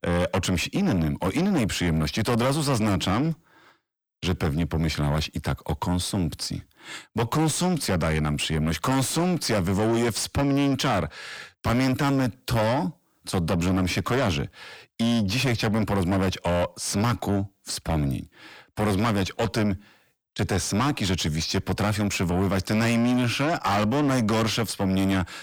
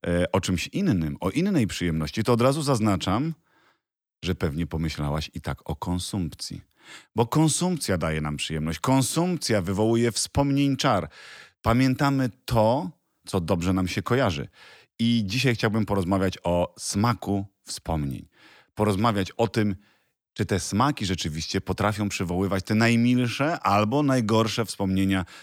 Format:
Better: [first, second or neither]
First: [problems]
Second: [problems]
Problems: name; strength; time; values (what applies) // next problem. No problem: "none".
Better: second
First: distortion; heavy; 7 dB below the speech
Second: none